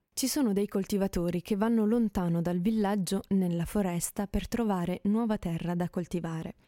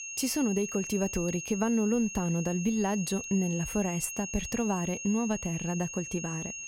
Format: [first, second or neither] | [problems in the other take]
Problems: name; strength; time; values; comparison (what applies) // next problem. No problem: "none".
first | high-pitched whine; loud; throughout; 6.5 kHz, 7 dB below the speech